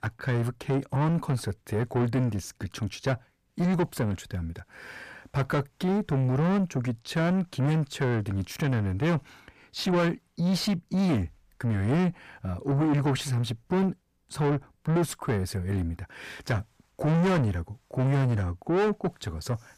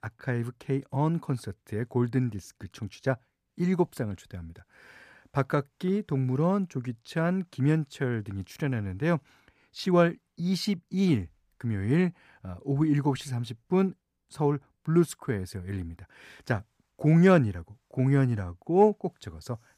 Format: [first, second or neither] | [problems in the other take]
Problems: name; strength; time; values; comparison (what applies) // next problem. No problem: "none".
second | distortion; heavy; 5 dB below the speech